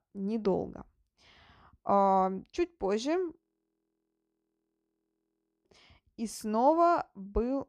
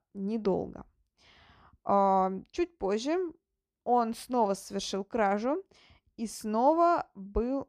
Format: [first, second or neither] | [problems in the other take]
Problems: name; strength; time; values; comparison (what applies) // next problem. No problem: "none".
second | audio freezing; at 3.5 s for 2 s